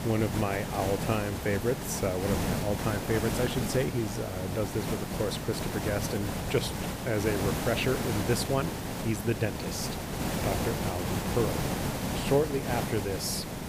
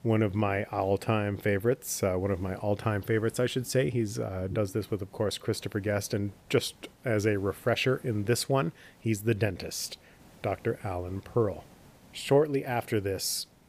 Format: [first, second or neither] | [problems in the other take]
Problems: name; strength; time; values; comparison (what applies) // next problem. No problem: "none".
second | hiss; loud; throughout; 1 dB below the speech; faint in the second